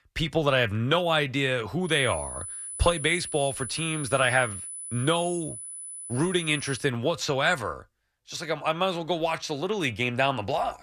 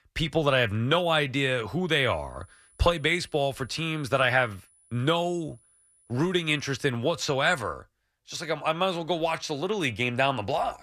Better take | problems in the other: second | high-pitched whine; loud; from 2 to 7 s; 10 kHz, 9 dB below the speech; faint in the second

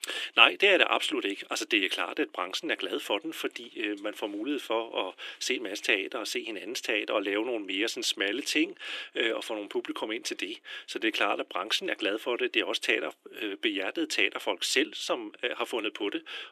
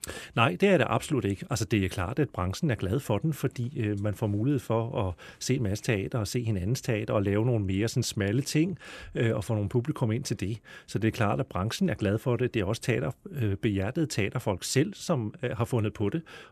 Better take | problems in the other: second | thin; very; fading below 300 Hz

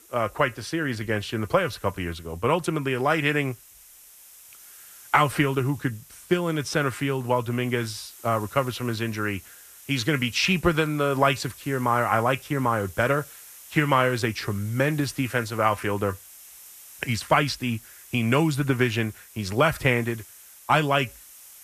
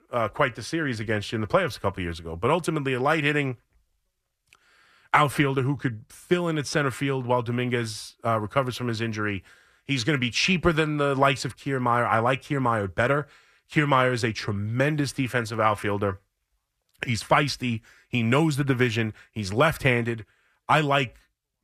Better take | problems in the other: second | hiss; faint; throughout; 20 dB below the speech

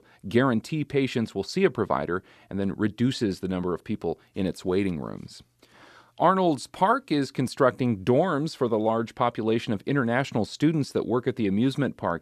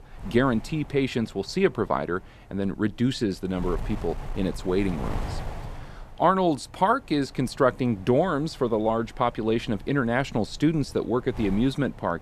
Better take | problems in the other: first | wind noise on the microphone; occasional gusts; 20 dB below the speech

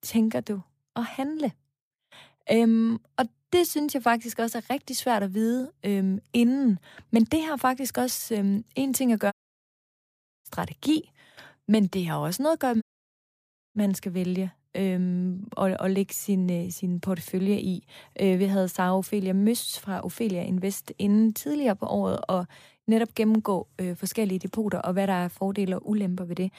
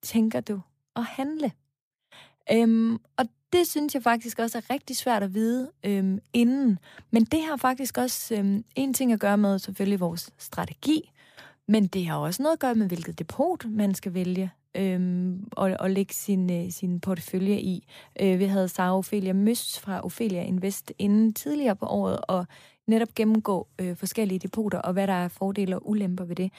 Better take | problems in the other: second | audio cutting out; at 9.5 s for 1 s and at 13 s for 1 s

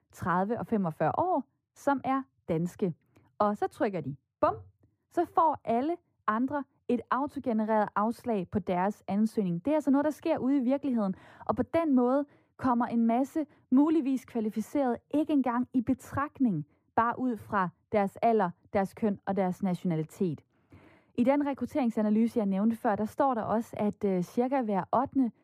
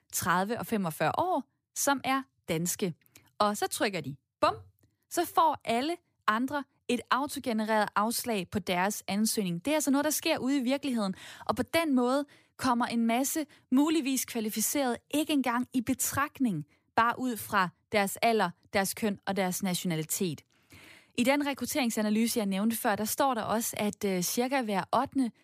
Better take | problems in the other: second | muffled; very; fading above 2 kHz

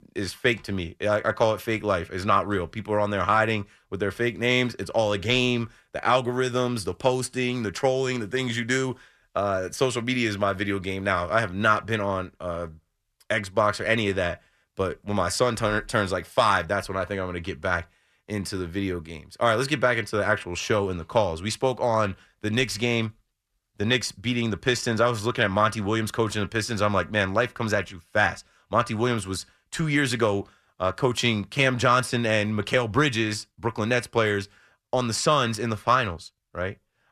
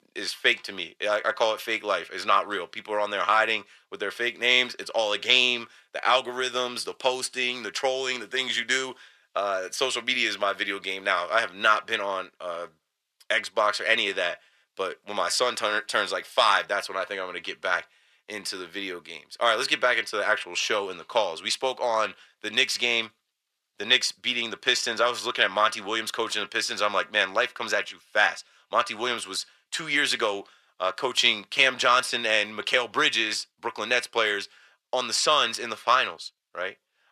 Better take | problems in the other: first | thin; very; fading below 450 Hz

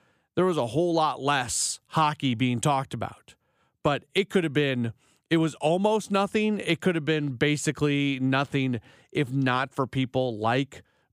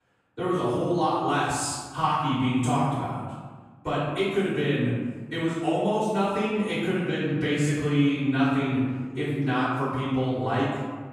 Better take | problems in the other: first | off-mic speech; far // room echo; strong; dies away in 1.4 s

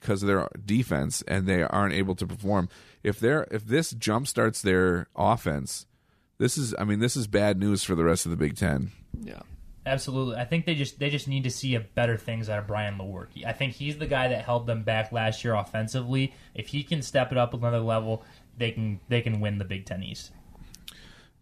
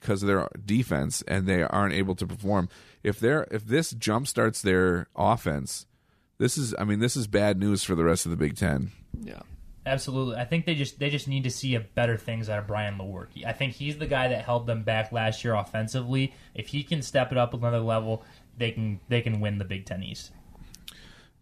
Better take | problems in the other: neither | none

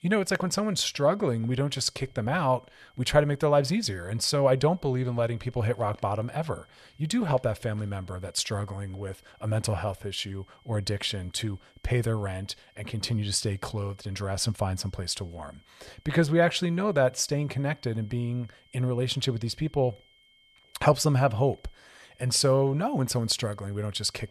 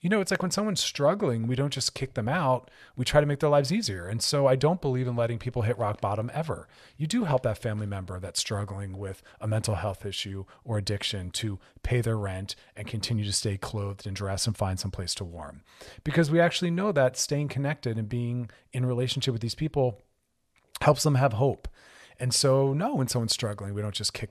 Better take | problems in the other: second | high-pitched whine; faint; throughout; 3 kHz, 35 dB below the speech

